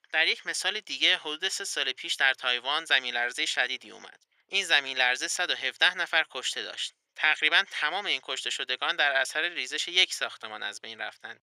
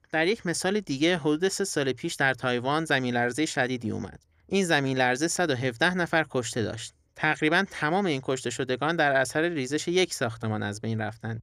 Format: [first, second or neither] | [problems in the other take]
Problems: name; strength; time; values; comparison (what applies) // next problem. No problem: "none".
second | thin; very; fading below 750 Hz